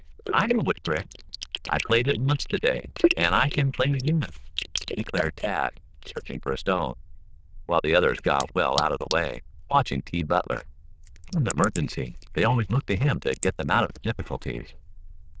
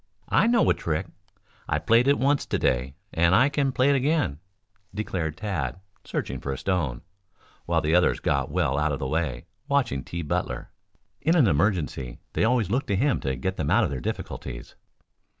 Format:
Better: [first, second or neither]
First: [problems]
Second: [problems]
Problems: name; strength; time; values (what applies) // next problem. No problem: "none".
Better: second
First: noise reduction (neural diffusion model UNIVERSE++)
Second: none